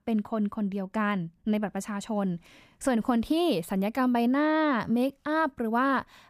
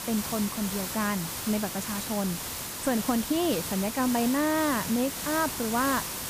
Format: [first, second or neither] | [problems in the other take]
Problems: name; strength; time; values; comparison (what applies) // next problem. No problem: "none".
first | hiss; loud; throughout; 4 dB below the speech